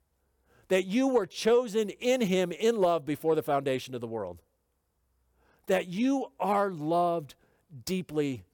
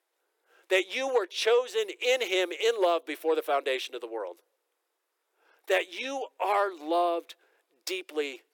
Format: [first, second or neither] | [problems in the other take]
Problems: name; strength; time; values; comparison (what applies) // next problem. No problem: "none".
first | thin; very; fading below 350 Hz